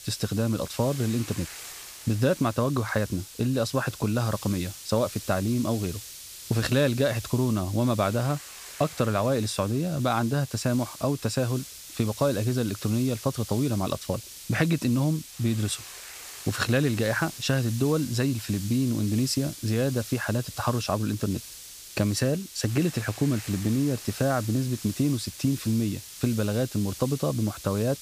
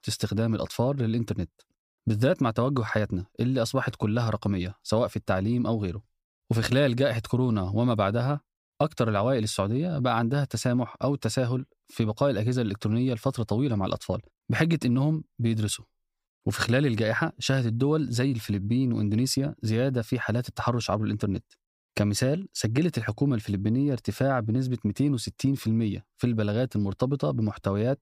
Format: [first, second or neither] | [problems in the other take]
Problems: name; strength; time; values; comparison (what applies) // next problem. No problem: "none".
second | hiss; noticeable; throughout; 10 dB below the speech